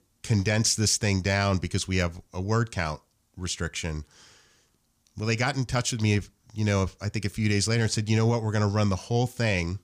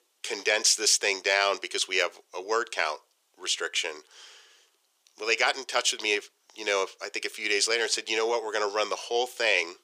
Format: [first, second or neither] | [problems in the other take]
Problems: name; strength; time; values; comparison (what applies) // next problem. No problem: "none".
first | thin; very; fading below 400 Hz